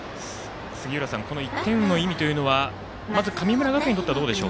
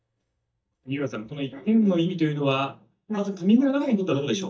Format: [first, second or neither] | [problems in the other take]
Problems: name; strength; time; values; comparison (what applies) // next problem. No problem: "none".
first | noise reduction (neural mask model DeepFilterNet 3)